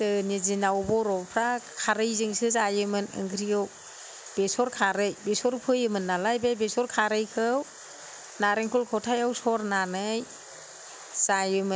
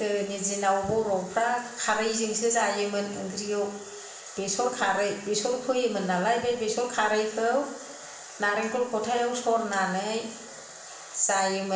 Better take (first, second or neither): first